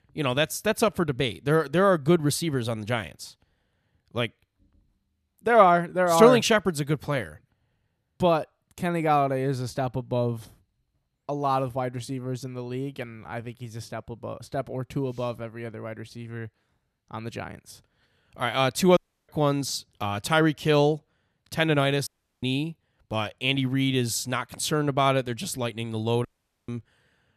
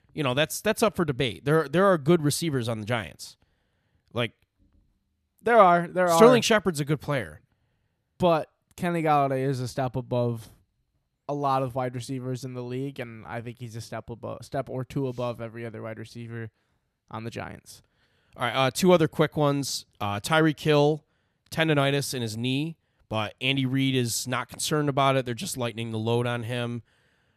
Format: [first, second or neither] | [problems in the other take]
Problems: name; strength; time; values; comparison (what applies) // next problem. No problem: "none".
second | audio cutting out; at 19 s, at 22 s and at 26 s